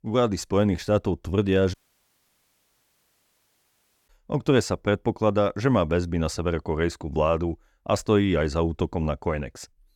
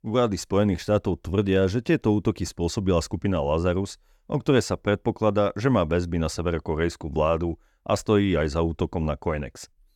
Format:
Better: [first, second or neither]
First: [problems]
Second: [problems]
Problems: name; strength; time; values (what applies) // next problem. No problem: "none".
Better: second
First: audio cutting out; at 1.5 s for 2.5 s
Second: none